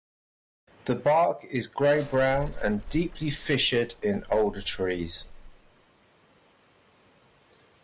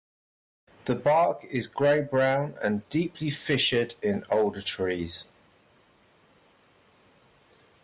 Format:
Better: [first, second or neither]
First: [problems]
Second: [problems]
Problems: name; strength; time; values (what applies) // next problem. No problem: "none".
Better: second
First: background sound (Bus / Engine); 11 dB below the speech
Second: none